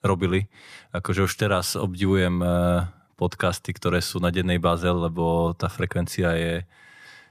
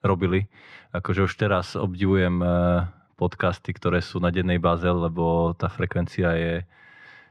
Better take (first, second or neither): first